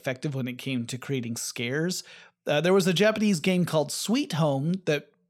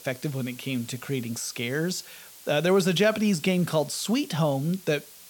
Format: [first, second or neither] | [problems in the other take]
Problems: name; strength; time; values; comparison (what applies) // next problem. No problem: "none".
first | hiss; noticeable; throughout; 20 dB below the speech